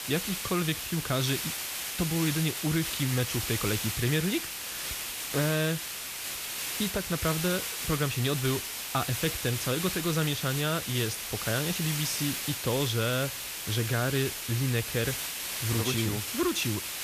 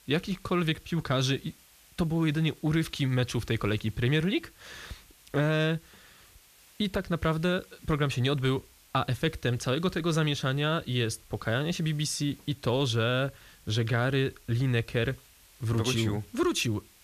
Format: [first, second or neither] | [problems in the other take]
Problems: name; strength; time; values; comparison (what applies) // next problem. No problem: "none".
second | hiss; loud; throughout; 2 dB below the speech; faint in the second